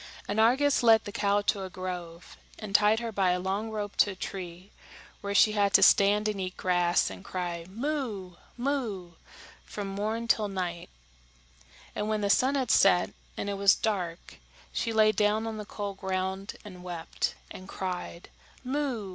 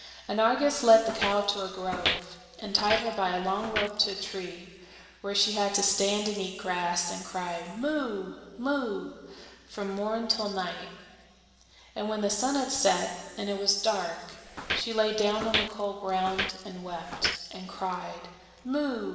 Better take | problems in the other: first | background sound (Walk, footsteps); 6 dB below the speech // room echo; dies away in 1.9 s

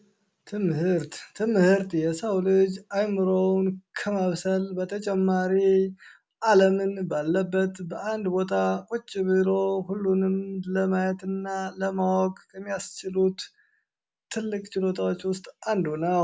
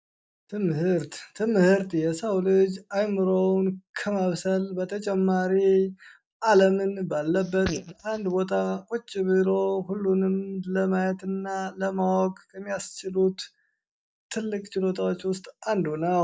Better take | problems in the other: first | noise reduction (neural mask model DeepFilterNet 3)

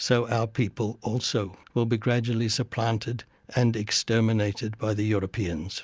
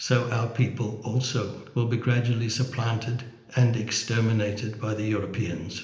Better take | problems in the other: first | room echo; dies away in 0.8 s

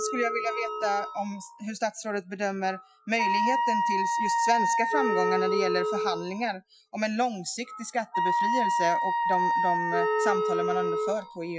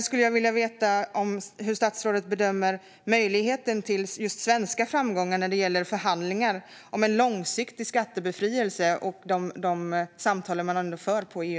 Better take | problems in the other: second | noise reduction (classical method Wiener filter)

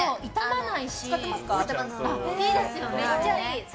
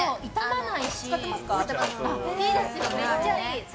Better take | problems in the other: first | background sound (Clock); 11 dB below the speech

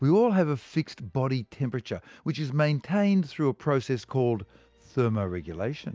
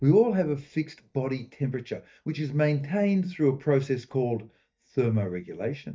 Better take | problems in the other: first | noise reduction (neural mask model DeepFilterNet 3)

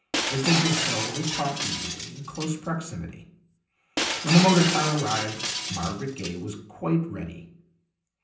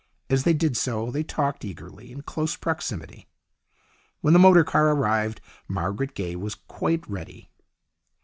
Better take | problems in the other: second | background sound (Shatter); 3 dB below the speech // room echo; dies away in 0.6 s

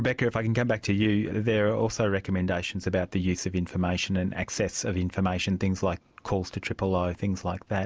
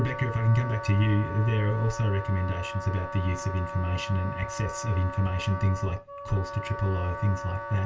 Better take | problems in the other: first | background sound (Wind instrument, woodwind instrument); 10 dB below the speech // room echo; dies away in 0.2 s

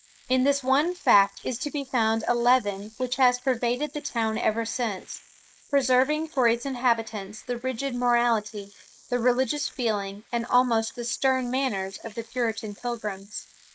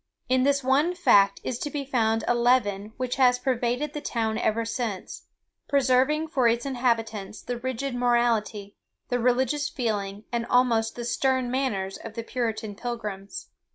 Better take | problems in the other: second | noise reduction (neural mask model Resemble Enhance denoiser)

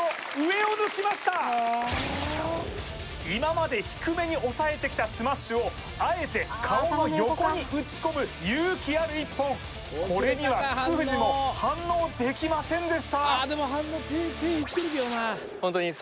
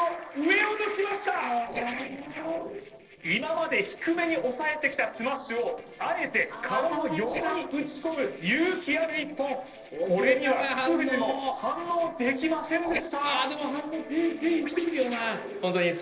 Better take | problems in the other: first | noise reduction (neural separator model SepFormer DNS4)

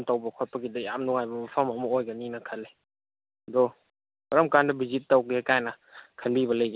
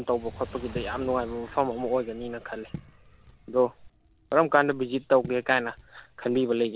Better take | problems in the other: first | background sound (Fire + Raindrop / Drip); 18 dB below the speech

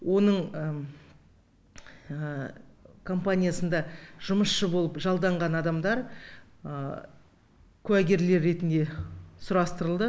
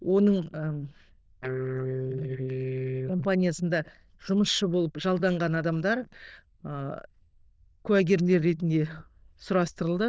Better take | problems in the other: first | noise reduction (neural diffusion model UNIVERSE++)

